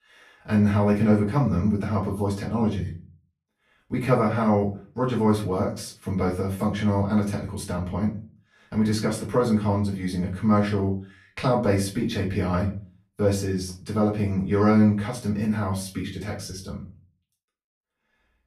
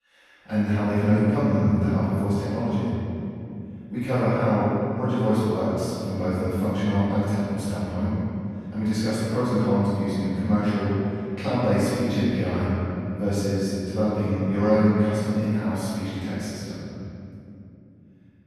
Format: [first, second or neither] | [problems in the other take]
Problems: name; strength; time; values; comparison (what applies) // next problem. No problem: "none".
first | room echo; strong; dies away in 2.9 s; slight in the first // off-mic speech; far; far in the first